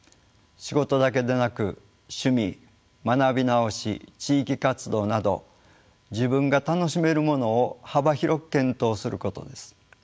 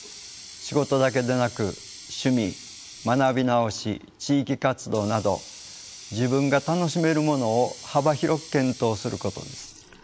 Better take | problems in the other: first | background sound (Water tap, faucet); 18 dB below the speech

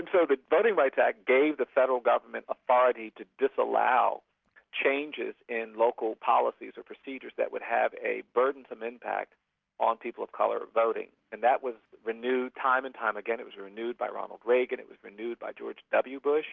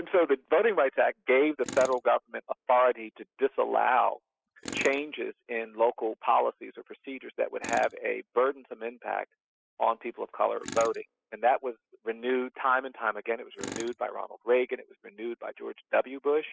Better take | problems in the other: first | noise reduction (classical method spectral subtraction)

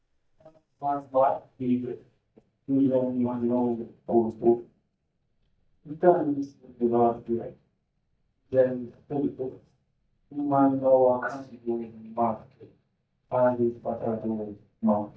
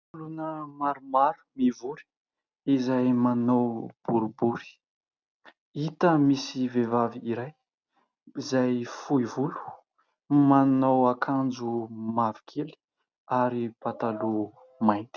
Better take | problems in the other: second | noise reduction (neural mask model DeepFilterNet 3)

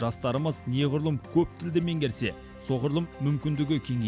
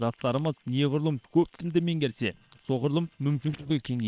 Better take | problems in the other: first | noise reduction (neural separator model SepFormer WHAM!)

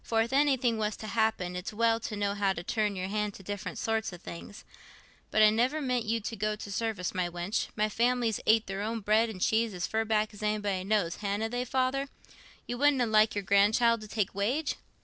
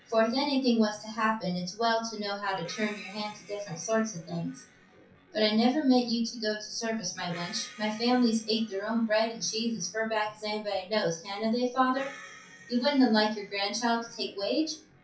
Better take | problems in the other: first | noise reduction (classical method WPE with log-MMSE)

